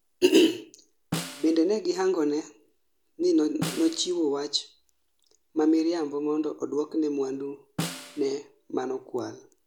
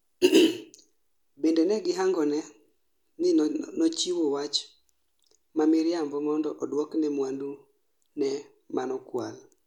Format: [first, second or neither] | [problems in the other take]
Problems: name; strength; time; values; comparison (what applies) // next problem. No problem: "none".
second | background sound (Snare drum); 12 dB below the speech